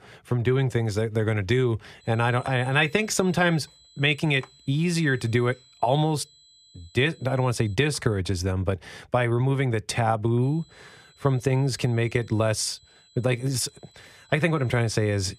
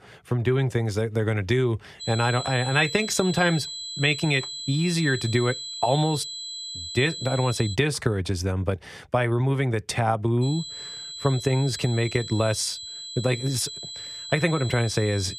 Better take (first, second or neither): first